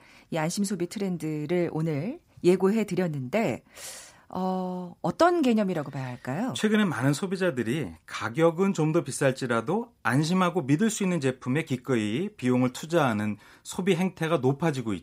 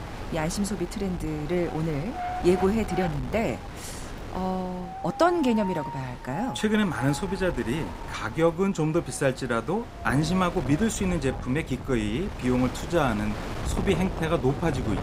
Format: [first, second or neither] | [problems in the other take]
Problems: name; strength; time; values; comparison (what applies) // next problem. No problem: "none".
first | wind noise on the microphone; heavy; 8 dB below the speech